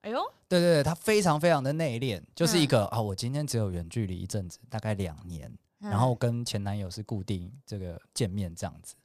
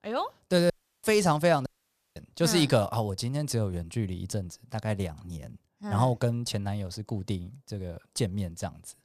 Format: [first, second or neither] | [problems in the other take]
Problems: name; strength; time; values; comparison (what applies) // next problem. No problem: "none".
first | audio cutting out; at 0.5 s and at 1.5 s for 0.5 s